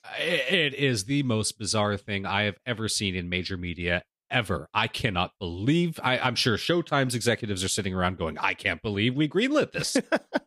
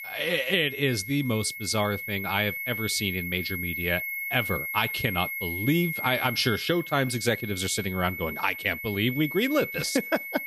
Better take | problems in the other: first | high-pitched whine; loud; throughout; 2 kHz, 6 dB below the speech

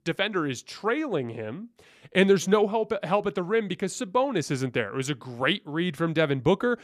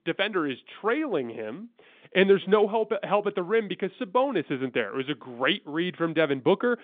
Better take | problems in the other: first | phone-call audio; nothing above 3.5 kHz

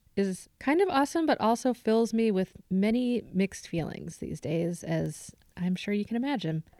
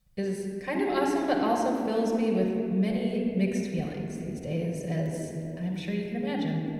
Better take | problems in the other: first | off-mic speech; somewhat distant // room echo; noticeable; dies away in 2.4 s

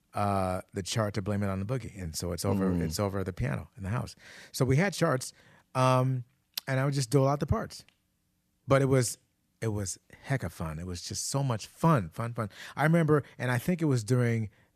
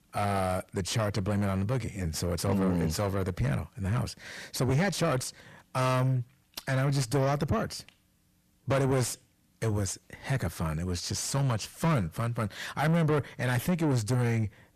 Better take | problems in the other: first | distortion; heavy; 7 dB below the speech

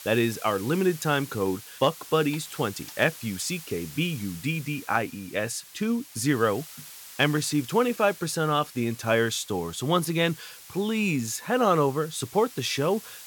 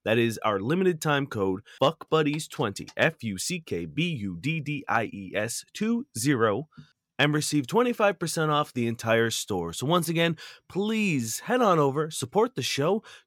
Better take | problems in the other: second | hiss; noticeable; throughout; 15 dB below the speech

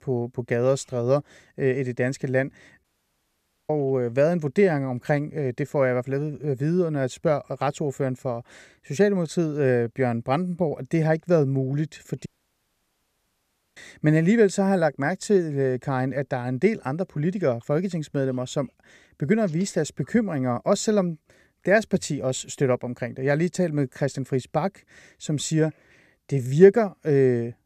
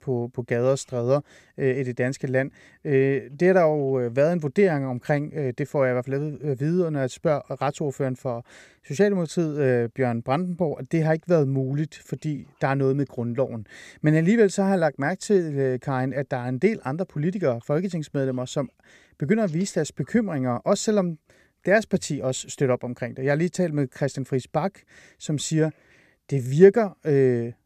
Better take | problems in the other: second | audio cutting out; at 3 s for 1 s and at 12 s for 1.5 s

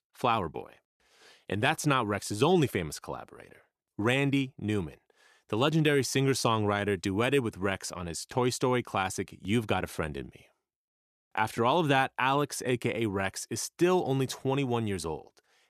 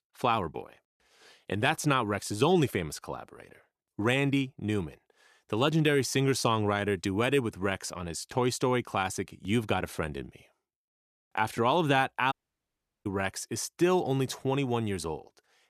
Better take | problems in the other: first | audio cutting out; at 12 s for 0.5 s

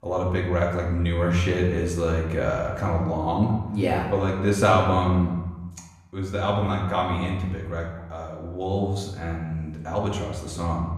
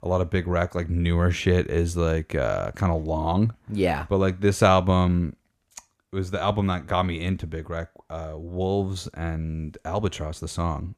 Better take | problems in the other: second | room echo; noticeable; dies away in 0.9 s // off-mic speech; far

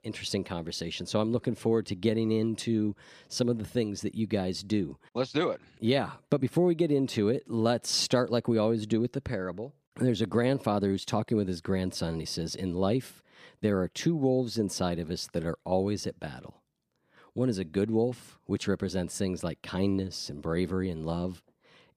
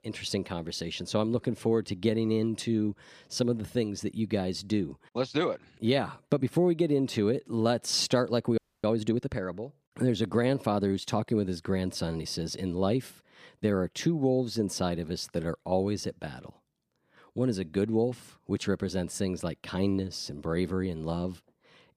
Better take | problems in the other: first | audio freezing; at 8.5 s

